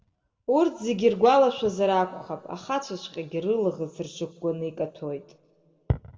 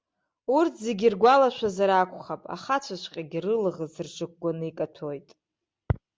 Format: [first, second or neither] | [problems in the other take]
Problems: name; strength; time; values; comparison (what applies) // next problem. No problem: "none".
second | room echo; dies away in 1.1 s